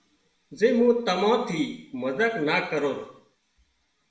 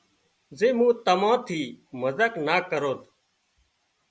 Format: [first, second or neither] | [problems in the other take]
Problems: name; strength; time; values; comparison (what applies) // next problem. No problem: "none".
second | room echo; dies away in 0.7 s